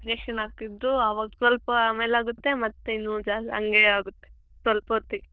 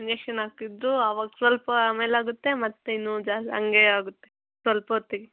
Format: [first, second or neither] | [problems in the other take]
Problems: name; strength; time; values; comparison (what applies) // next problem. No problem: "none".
second | noise reduction (neural diffusion model UNIVERSE++)